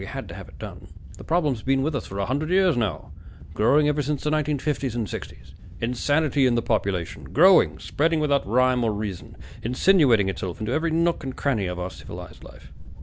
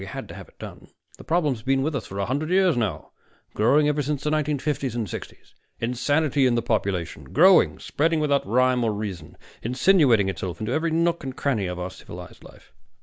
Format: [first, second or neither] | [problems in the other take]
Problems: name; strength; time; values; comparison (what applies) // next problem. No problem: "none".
second | background sound (Wind / Boat, Water vehicle); 15 dB below the speech